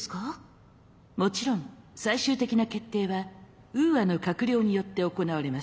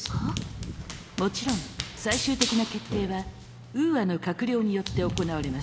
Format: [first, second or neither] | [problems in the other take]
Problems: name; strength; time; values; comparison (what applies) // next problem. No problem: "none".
first | background sound (Run); 5 dB below the speech